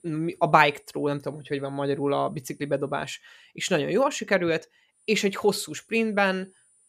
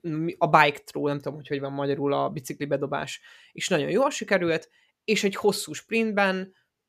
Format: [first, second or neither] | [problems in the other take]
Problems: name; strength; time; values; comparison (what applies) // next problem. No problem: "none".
second | high-pitched whine; faint; until 3 s and from 5 s on; 9 kHz, 35 dB below the speech